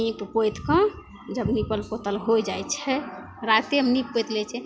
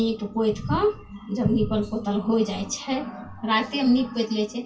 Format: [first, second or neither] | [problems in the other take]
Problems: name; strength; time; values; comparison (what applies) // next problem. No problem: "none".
first | room echo; dies away in 0.2 s